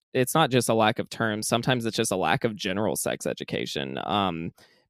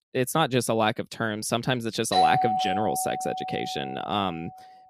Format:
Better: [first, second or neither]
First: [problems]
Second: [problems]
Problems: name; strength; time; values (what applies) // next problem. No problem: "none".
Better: first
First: none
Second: doorbell; loud; from 2 to 4 s; peak 5 dB above the speech